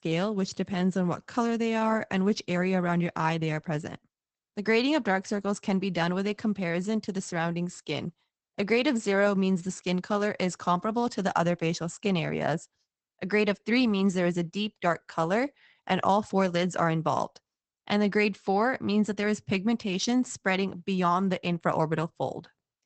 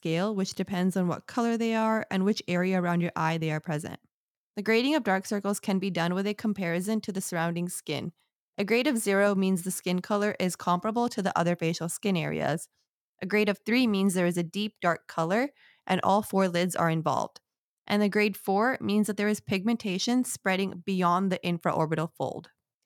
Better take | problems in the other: second | garbled, watery; badly; nothing above 8 kHz

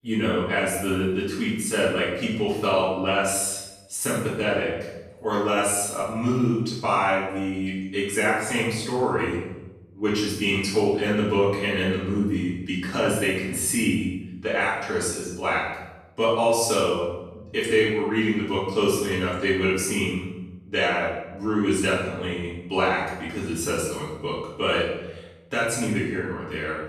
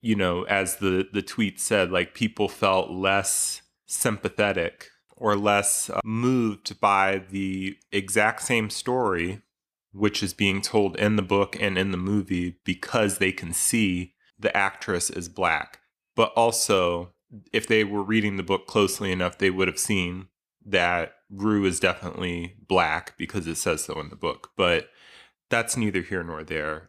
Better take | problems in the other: second | room echo; strong; dies away in 0.9 s // off-mic speech; far

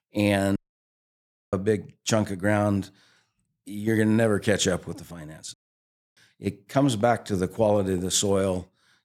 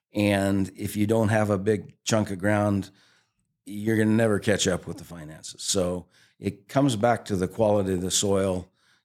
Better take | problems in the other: second | audio cutting out; at 0.5 s for 1 s and at 5.5 s for 0.5 s

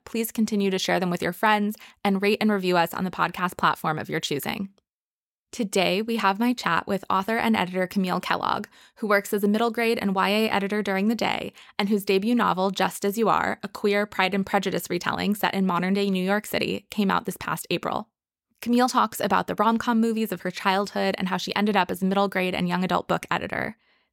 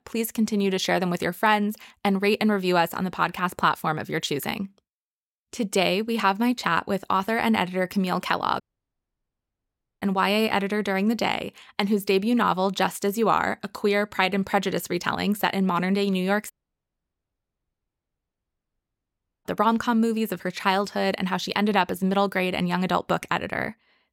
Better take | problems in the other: first | audio cutting out; at 8.5 s for 1.5 s and at 17 s for 3 s

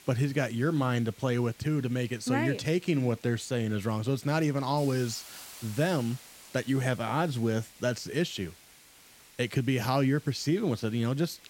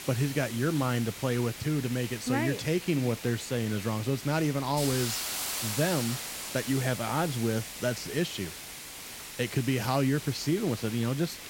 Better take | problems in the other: first | hiss; loud; throughout; 7 dB below the speech; faint in the first

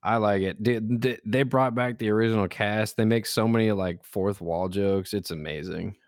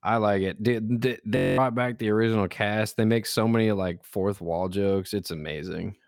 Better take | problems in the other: first | audio freezing; at 1.5 s

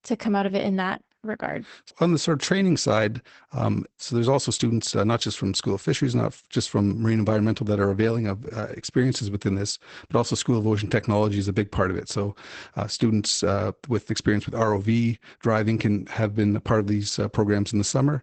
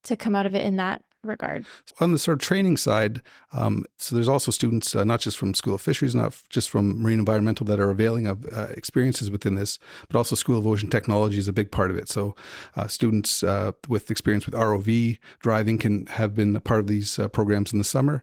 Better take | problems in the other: second | garbled, watery; badly; nothing above 8 kHz; slightly in the second

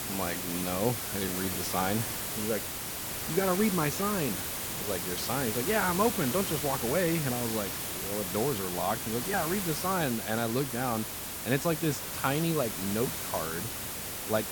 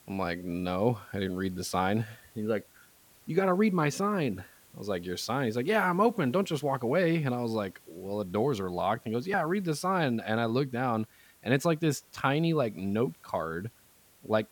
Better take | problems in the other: second | hiss; loud; throughout; 1 dB below the speech; faint in the second

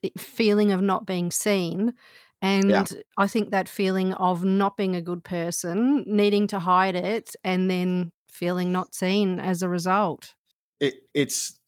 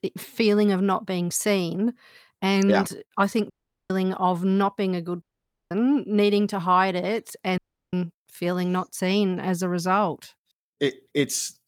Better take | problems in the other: first | audio cutting out; at 3.5 s, at 5 s and at 7.5 s

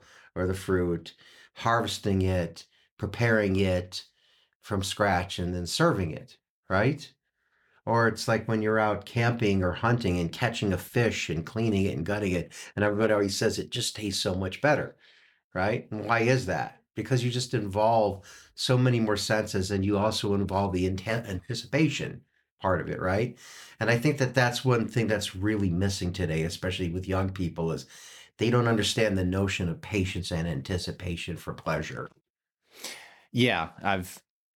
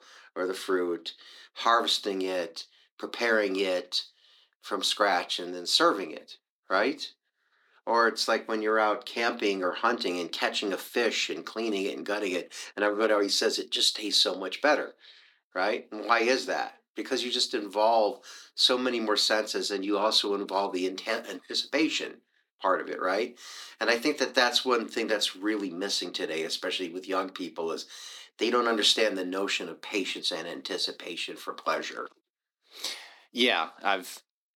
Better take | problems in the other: first | thin; somewhat; fading below 250 Hz

